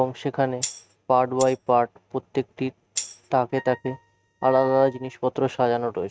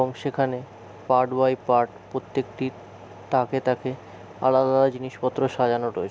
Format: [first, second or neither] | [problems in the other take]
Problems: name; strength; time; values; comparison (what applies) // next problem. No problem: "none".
second | noise reduction (neural mask model RNNoise)